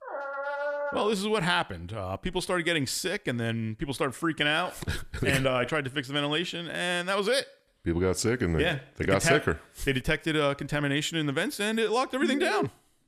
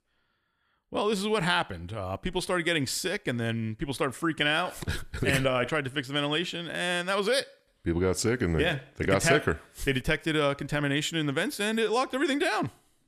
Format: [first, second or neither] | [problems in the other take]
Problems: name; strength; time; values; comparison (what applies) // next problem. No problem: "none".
second | dog barking; noticeable; until 1 s; peak 3 dB below the speech // alarm; noticeable; at 12 s; peak 5 dB below the speech